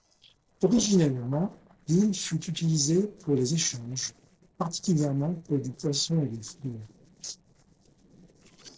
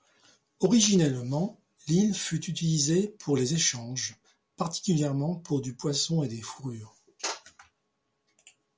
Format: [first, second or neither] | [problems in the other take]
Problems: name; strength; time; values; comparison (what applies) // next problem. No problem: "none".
second | noise reduction (neural separator model SepFormer DNS4)